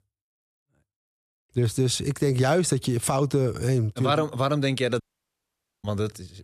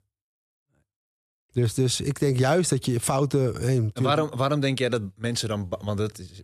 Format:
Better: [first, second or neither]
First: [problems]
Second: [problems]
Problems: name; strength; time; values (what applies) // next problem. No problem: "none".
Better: second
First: audio cutting out; at 5 s for 1 s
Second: none